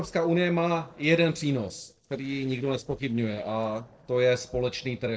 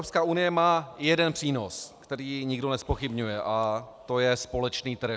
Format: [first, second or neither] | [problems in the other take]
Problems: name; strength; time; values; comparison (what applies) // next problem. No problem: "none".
second | noise reduction (neural separator model SepFormer DNS4)